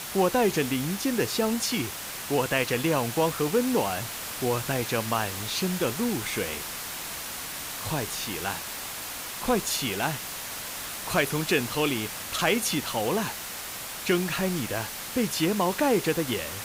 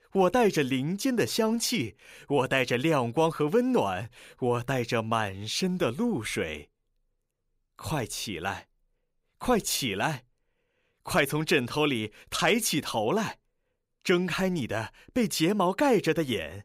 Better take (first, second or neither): second